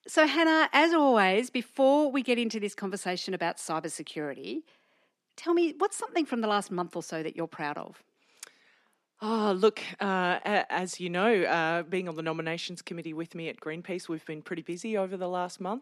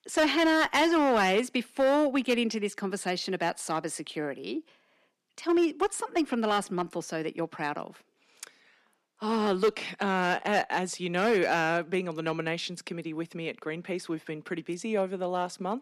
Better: first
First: none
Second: distortion; slight; 4% of the sound clipped

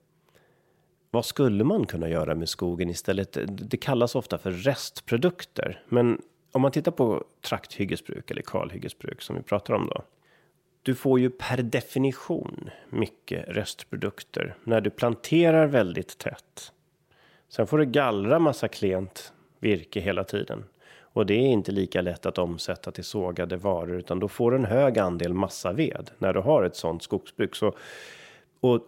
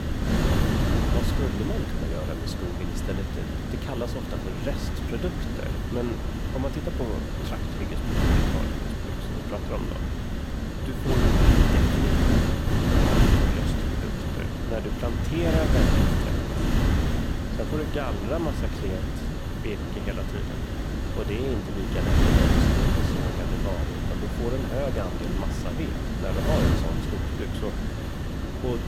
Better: first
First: none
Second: wind noise on the microphone; heavy; 4 dB above the speech

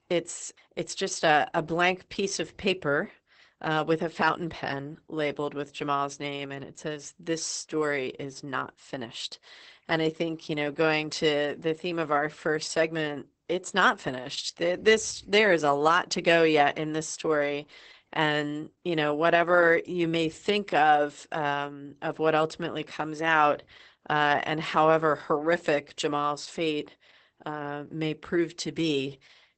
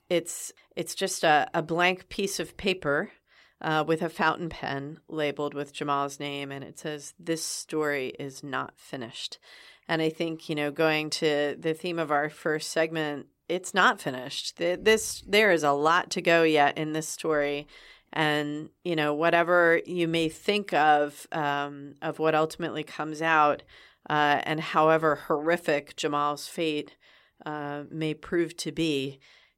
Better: second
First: garbled, watery; badly; nothing above 8 kHz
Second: none

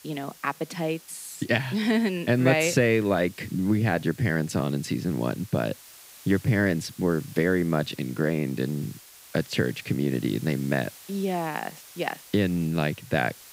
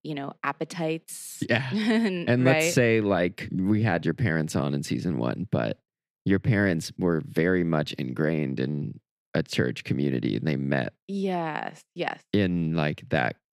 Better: second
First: hiss; faint; throughout; 20 dB below the speech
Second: none

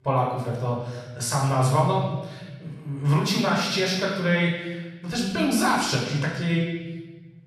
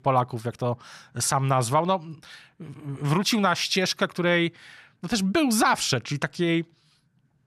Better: second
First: room echo; noticeable; dies away in 1.2 s // off-mic speech; far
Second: none

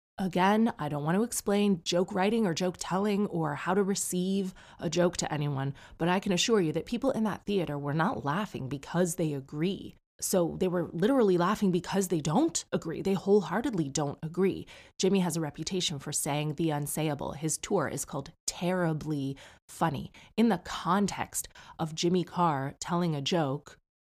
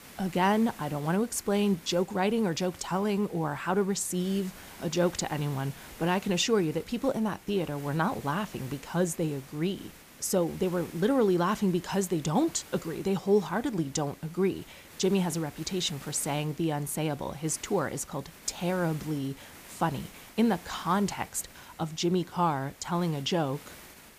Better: first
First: none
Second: hiss; noticeable; throughout; 20 dB below the speech

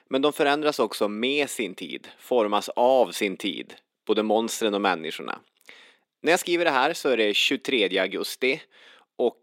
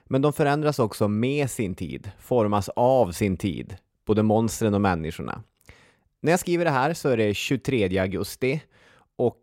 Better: second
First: thin; very slightly; fading below 250 Hz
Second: none

